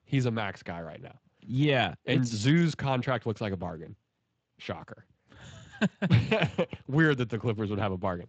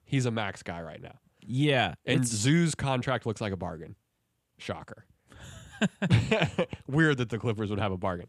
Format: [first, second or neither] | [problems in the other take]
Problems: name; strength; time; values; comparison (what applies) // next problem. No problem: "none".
second | garbled, watery; slightly; nothing above 7.5 kHz